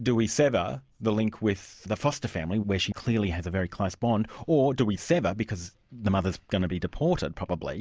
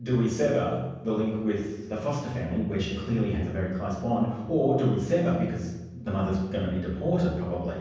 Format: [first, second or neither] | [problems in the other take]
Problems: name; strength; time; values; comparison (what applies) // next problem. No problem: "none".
first | room echo; dies away in 1.1 s